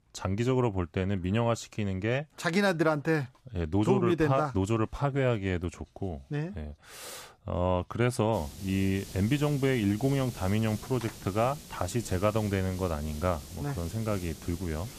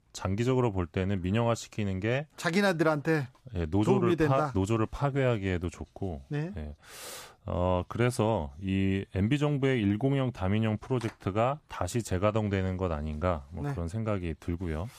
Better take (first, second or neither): second